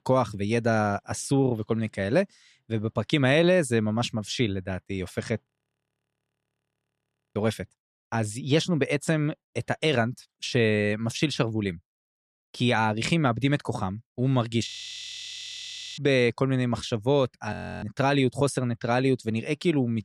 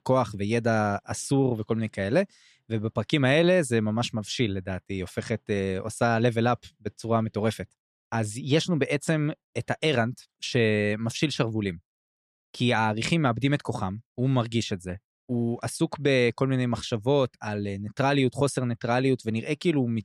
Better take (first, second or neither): second